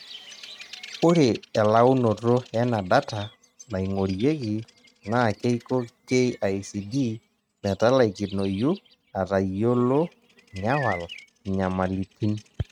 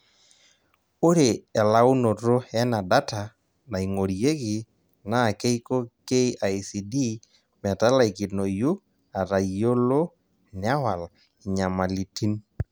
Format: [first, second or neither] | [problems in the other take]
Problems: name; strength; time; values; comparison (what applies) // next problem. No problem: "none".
second | noise reduction (neural mask model RNNoise)